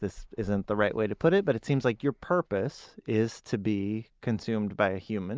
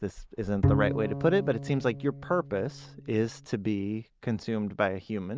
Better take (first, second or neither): first